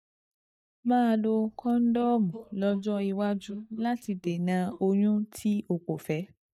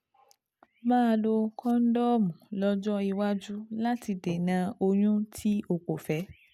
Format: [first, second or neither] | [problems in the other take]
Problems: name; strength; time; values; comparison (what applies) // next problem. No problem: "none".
second | noise reduction (neural mask model DeepFilterNet 3)